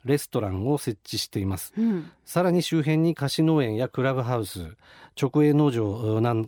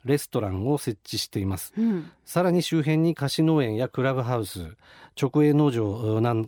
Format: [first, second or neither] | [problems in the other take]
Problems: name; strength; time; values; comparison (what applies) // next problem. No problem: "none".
neither | none